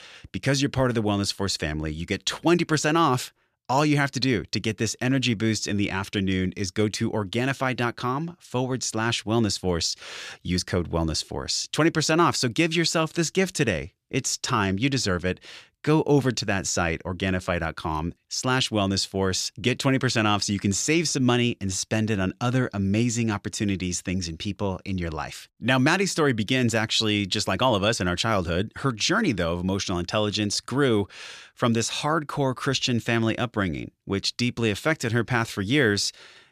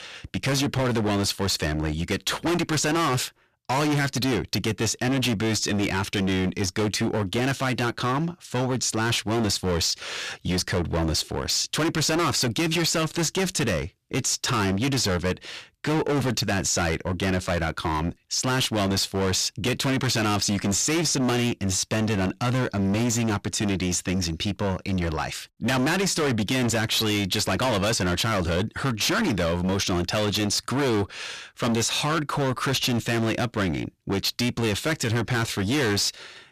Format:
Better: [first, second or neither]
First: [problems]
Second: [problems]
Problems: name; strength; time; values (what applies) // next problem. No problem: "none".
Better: first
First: none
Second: distortion; heavy; 27% of the sound clipped